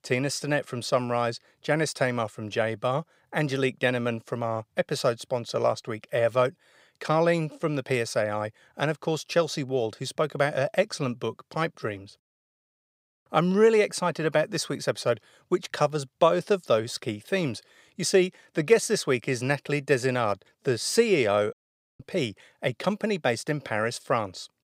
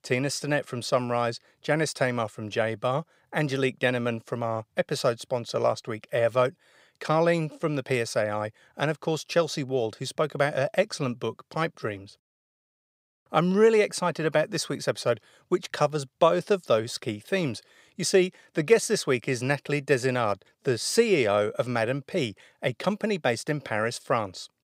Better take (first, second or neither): second